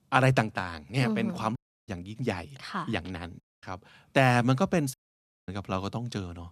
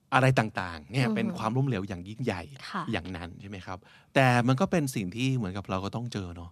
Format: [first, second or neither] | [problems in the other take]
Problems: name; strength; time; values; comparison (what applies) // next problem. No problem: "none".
second | audio cutting out; at 1.5 s, at 3.5 s and at 5 s for 0.5 s